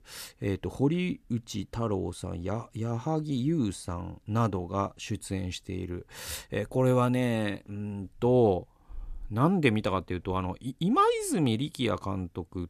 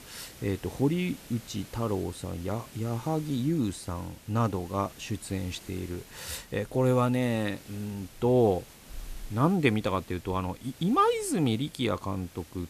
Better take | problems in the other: first | hiss; noticeable; throughout; 20 dB below the speech

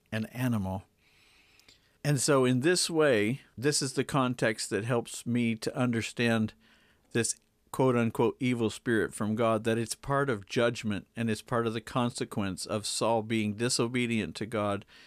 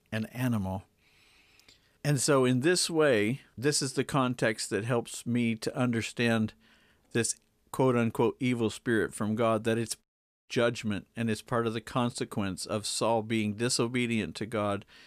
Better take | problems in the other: first | audio cutting out; at 10 s

